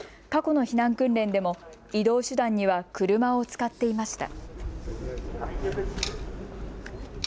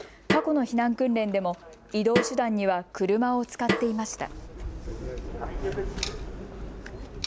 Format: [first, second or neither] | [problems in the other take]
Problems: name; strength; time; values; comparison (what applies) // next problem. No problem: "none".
first | background sound (Snare drum); 5 dB below the speech